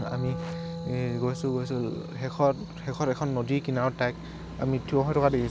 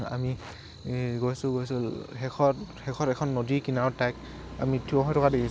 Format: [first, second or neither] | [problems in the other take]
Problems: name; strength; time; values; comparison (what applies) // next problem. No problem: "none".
second | background sound (Wind instrument, woodwind instrument); 11 dB below the speech